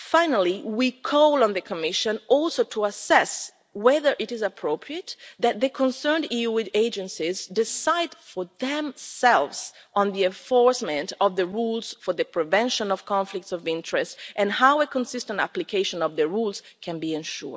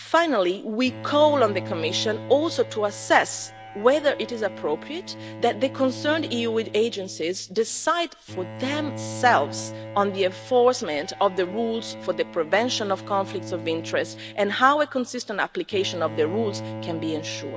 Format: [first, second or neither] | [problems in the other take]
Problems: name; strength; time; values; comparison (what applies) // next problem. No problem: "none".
first | background sound (Bowed string instrument); 13 dB below the speech